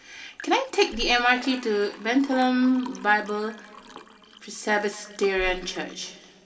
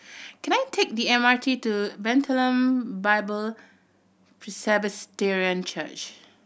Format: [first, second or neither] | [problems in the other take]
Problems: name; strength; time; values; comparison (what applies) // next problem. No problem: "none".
second | background sound (Liquid); 18 dB below the speech // room echo; dies away in 2.4 s